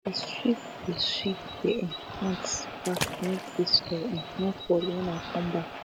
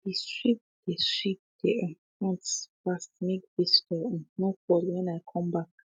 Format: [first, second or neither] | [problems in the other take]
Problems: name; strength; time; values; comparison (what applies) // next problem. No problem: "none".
second | background sound (Bird + Water / Splash, splatter); 7 dB below the speech